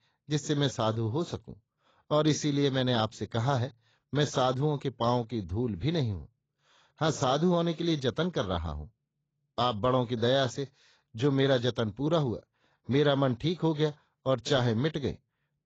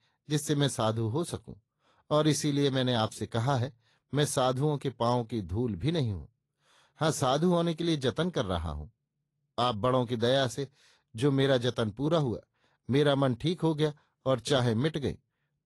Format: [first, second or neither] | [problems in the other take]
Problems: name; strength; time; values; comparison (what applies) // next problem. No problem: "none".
second | garbled, watery; badly; nothing above 7.5 kHz; slightly in the second